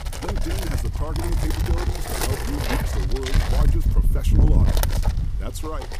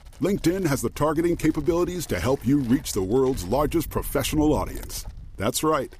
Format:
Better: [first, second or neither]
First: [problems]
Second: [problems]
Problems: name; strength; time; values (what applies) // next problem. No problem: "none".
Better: second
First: wind noise on the microphone; heavy; 5 dB above the speech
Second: wind noise on the microphone; occasional gusts; 25 dB below the speech